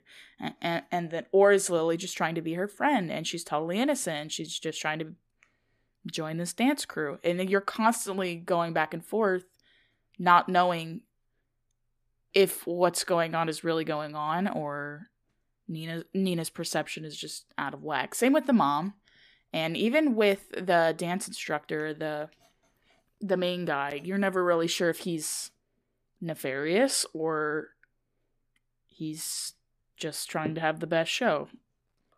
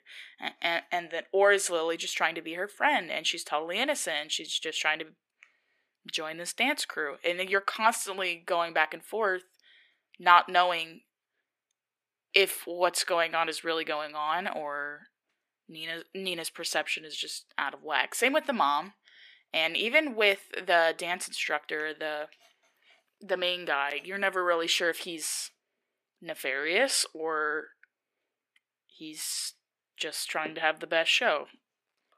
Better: first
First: none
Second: thin; somewhat; fading below 450 Hz

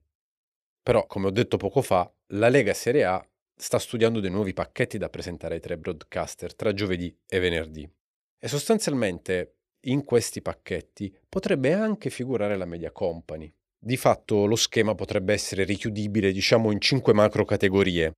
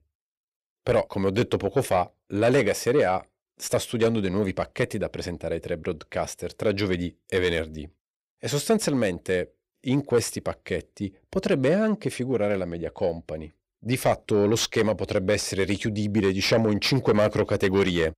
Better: first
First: none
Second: distortion; slight; 10 dB below the speech

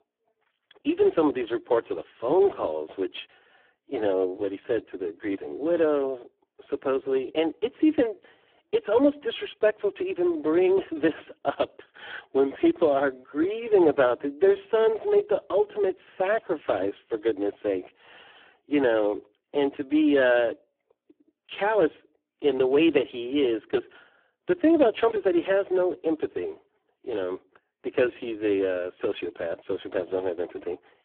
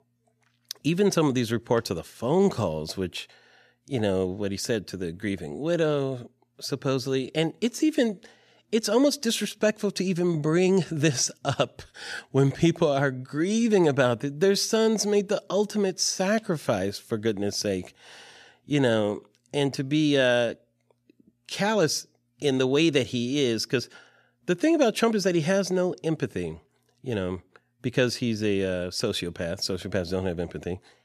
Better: second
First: phone-call audio; poor line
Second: none

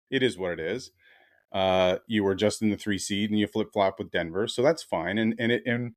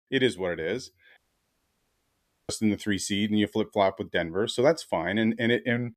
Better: first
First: none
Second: audio cutting out; at 1 s for 1.5 s

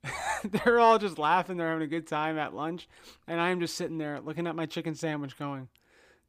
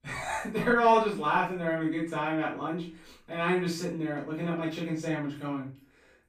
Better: first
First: none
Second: off-mic speech; far // room echo; noticeable; dies away in 0.3 s

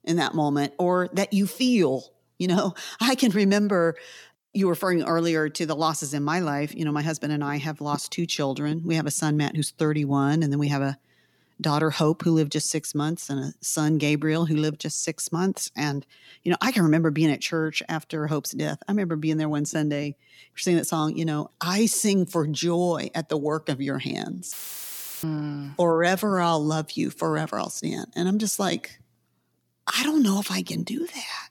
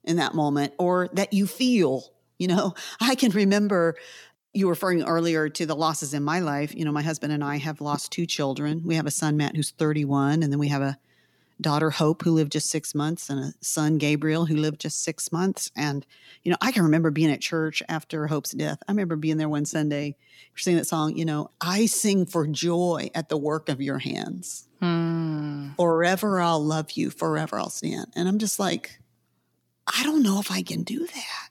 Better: second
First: audio cutting out; filled with static; at 25 s for 0.5 s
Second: none

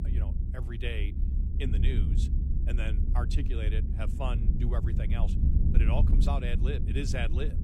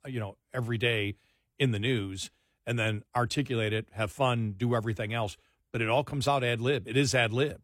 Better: second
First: low rumble; loud; throughout; 5 dB below the speech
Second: none

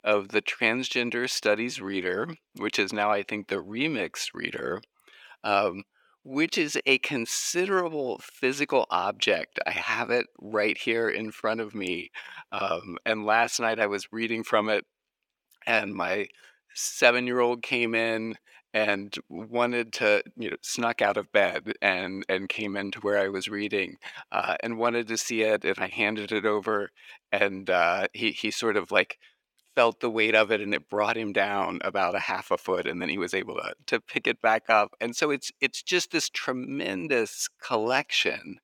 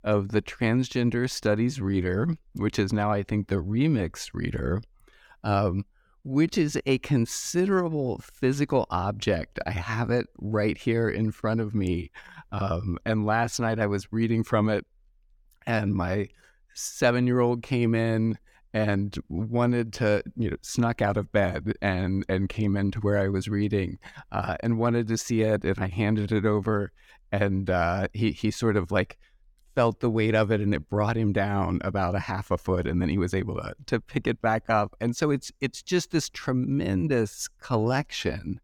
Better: second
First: thin; somewhat; fading below 400 Hz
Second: none

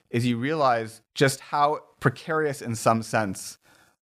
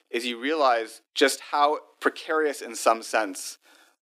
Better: first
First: none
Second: thin; somewhat; fading below 300 Hz

